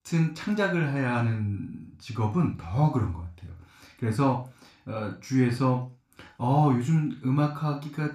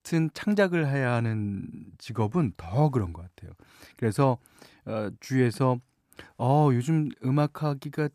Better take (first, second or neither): second